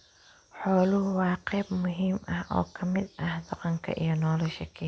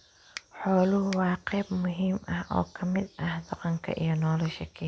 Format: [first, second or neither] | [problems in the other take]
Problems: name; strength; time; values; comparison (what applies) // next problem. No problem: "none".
first | background sound (Finger snapping); 16 dB below the speech